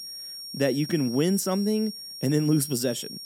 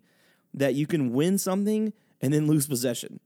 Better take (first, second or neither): second